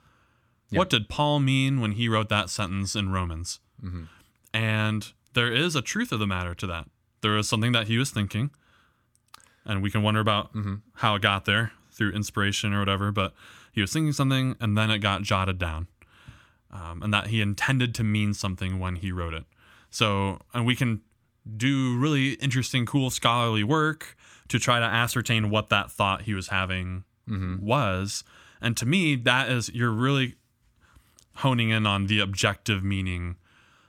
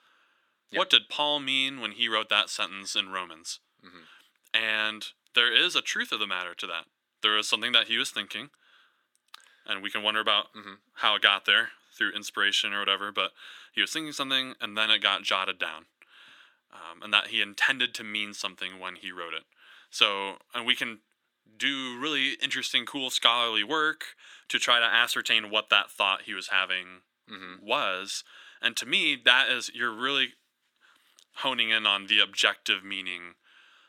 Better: first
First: none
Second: thin; very; fading below 350 Hz

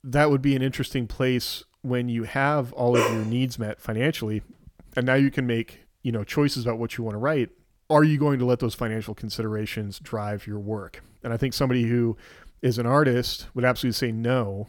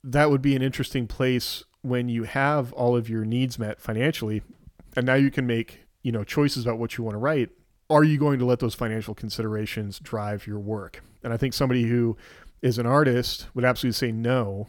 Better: second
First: dog barking; loud; at 3 s; peak level with the speech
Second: none

